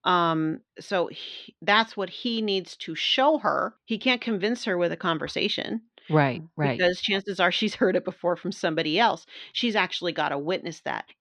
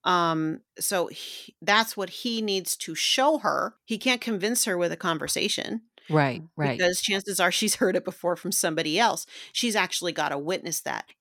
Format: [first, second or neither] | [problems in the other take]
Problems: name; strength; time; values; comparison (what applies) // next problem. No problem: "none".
second | muffled; slightly; fading above 3.5 kHz